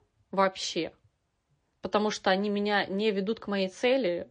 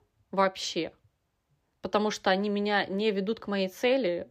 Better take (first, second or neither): second